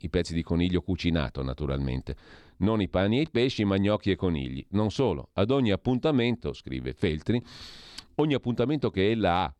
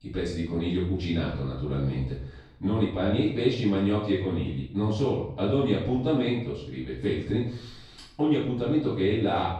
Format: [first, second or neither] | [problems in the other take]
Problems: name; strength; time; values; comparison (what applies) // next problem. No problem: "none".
first | off-mic speech; far // room echo; noticeable; dies away in 0.5 s